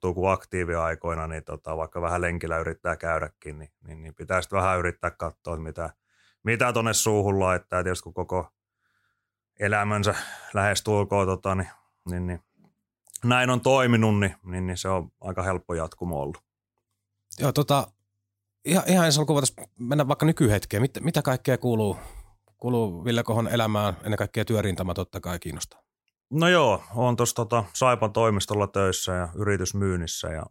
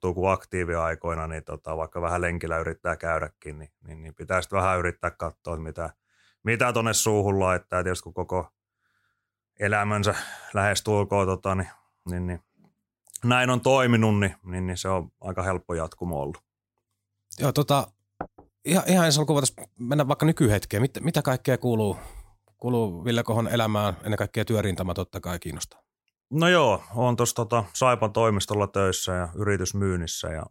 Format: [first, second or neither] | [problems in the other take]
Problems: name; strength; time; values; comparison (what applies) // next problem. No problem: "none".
first | door banging; faint; at 18 s; peak 15 dB below the speech